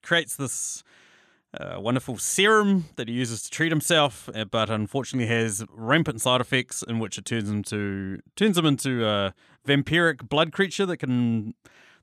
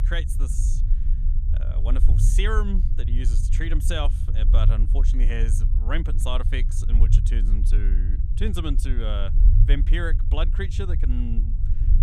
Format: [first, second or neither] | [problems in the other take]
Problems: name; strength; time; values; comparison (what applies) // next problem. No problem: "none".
first | low rumble; loud; throughout; 9 dB below the speech